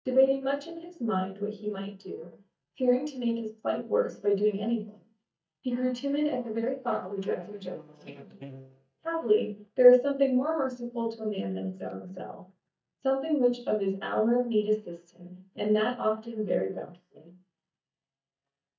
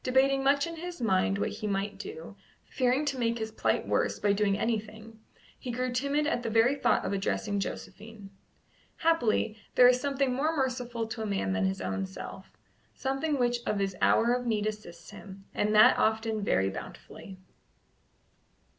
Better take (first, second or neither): second